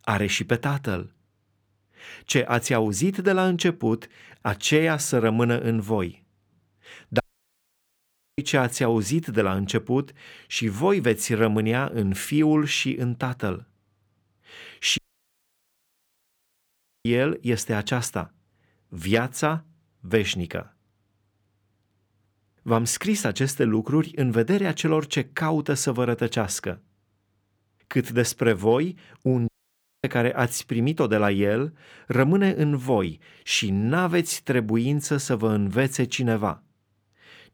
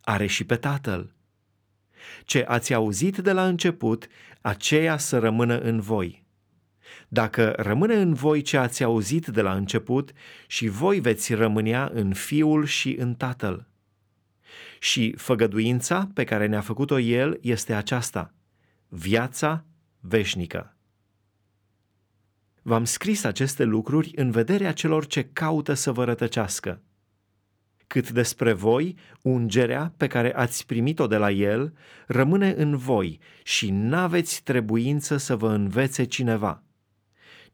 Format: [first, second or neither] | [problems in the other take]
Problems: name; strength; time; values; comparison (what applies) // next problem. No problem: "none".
second | audio cutting out; at 7 s for 1 s, at 15 s for 2 s and at 29 s for 0.5 s